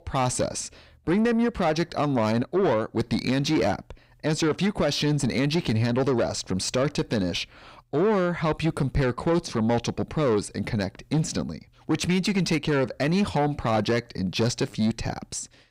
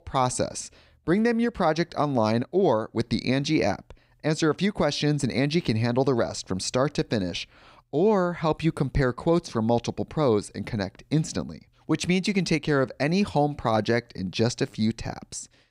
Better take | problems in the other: second | distortion; slight; 10 dB below the speech

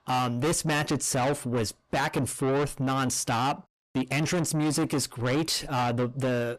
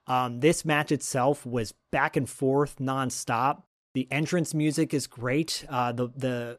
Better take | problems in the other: second | distortion; heavy; 6 dB below the speech

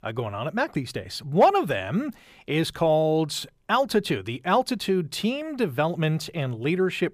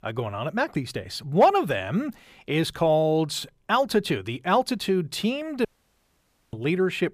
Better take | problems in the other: first | audio cutting out; at 5.5 s for 1 s

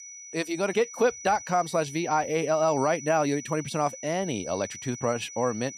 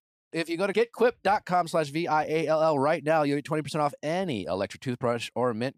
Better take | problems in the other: second | high-pitched whine; noticeable; throughout; 6 kHz, 10 dB below the speech

